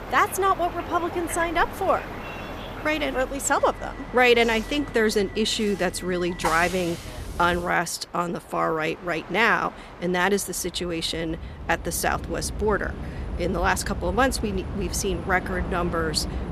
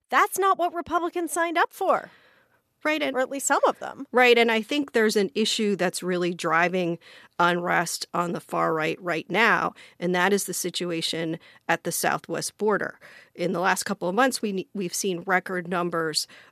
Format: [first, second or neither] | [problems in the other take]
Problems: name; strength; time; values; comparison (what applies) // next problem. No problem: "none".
second | train or aircraft noise; noticeable; throughout; 10 dB below the speech